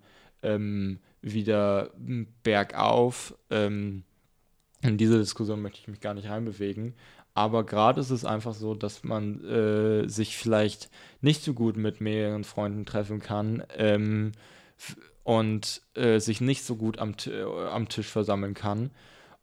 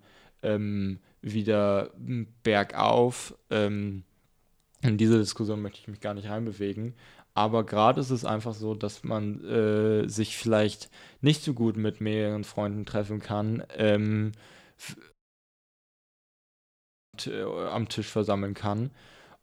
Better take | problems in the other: first | audio cutting out; at 15 s for 2 s

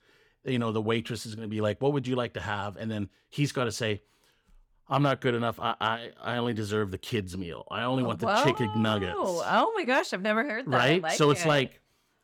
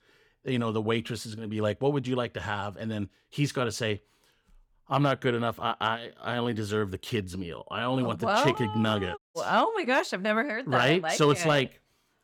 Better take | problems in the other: first | audio cutting out; at 9 s

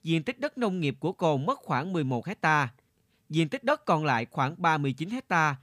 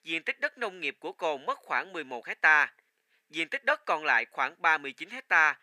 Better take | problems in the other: first | thin; very; fading below 400 Hz

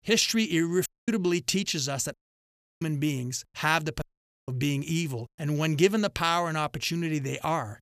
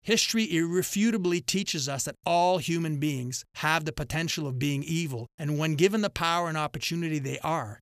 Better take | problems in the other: second | audio cutting out; at 1 s, at 2 s for 0.5 s and at 4 s

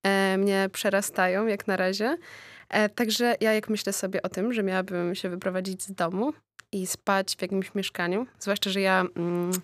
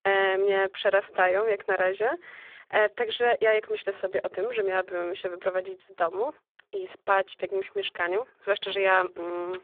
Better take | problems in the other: first | phone-call audio; poor line; nothing above 3.5 kHz

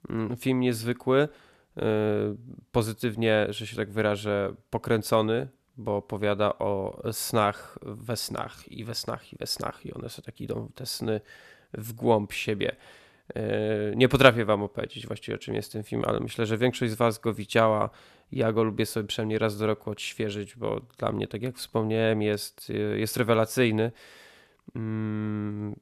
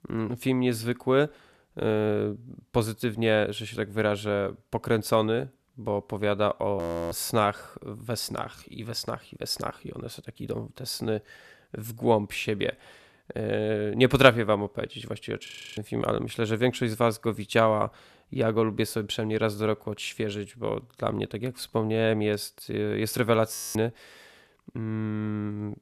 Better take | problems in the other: first | audio freezing; at 7 s, at 15 s and at 24 s

